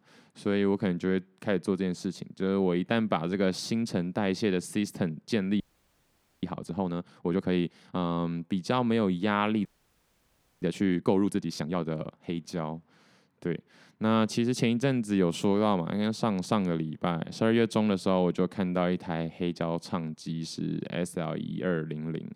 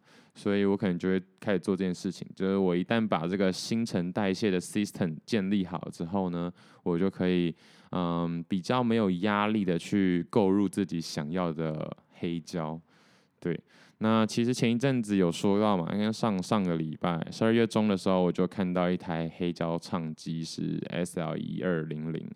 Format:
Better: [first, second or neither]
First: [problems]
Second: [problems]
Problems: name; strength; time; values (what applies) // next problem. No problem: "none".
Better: second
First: audio freezing; at 5.5 s for 1 s and at 9.5 s for 1 s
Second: none